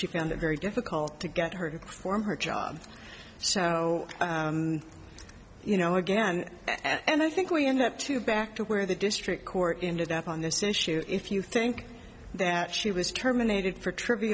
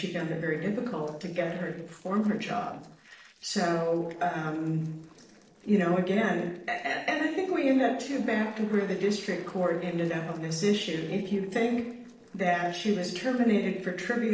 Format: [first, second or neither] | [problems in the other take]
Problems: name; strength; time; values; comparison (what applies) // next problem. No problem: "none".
first | noise reduction (neural separator model SepFormer DNS4)